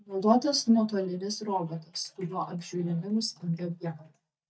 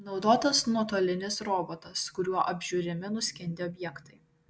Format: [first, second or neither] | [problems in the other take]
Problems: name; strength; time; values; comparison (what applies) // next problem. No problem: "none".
second | noise reduction (neural mask model DeepFilterNet 3)